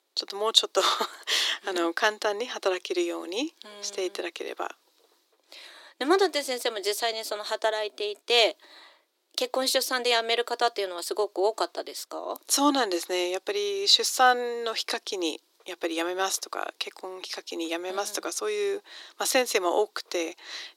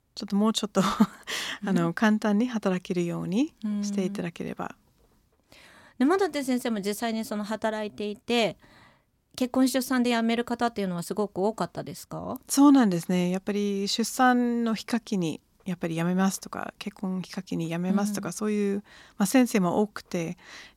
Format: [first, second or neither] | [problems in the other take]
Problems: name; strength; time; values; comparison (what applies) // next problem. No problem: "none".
second | thin; very; fading below 350 Hz